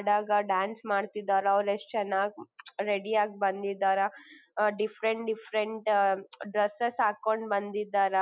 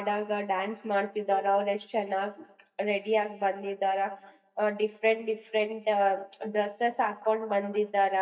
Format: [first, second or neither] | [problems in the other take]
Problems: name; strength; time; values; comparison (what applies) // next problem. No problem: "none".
first | noise reduction (neural mask model DeepFilterNet 3)